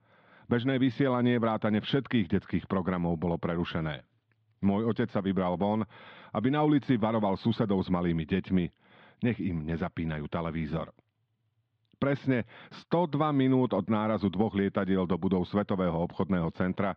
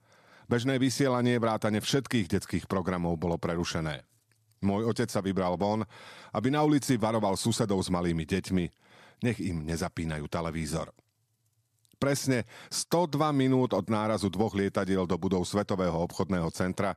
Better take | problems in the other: second | muffled; very; fading above 3.5 kHz

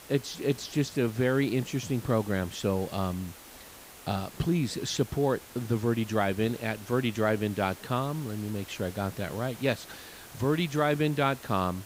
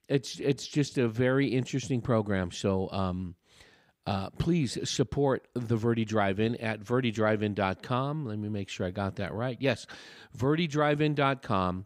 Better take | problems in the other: second | hiss; noticeable; throughout; 15 dB below the speech

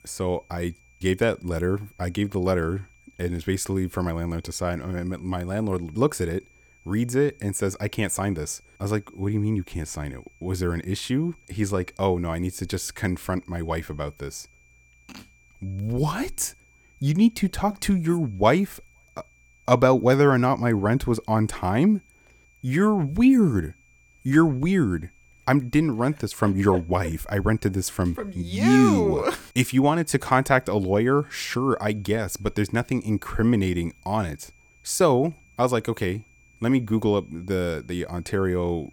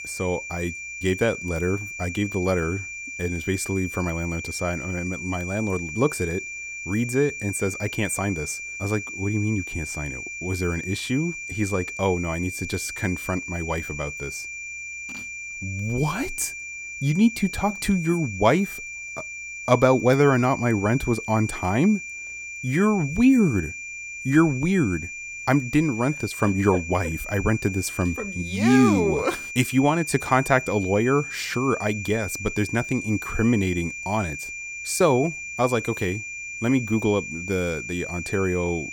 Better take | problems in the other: first | high-pitched whine; loud; throughout; 2.5 kHz, 8 dB below the speech; faint in the first

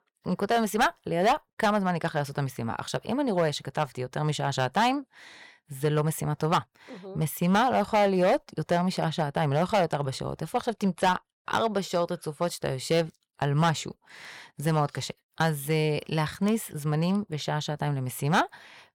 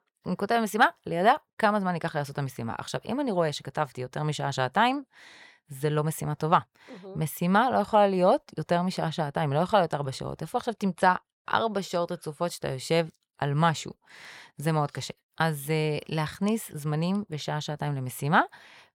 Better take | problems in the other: second | distortion; slight; 3% of the sound clipped

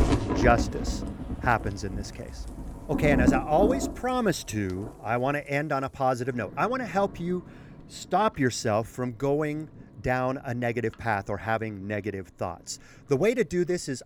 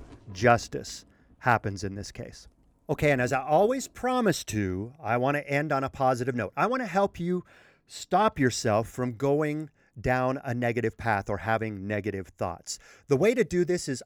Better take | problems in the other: second | rain or running water; loud; throughout; 3 dB below the speech; faint in the second

